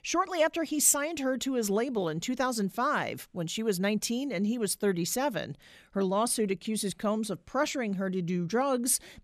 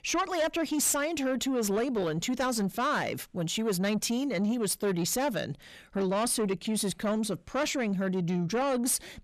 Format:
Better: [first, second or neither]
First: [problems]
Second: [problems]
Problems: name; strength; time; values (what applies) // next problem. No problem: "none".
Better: first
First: none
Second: distortion; slight; 10 dB below the speech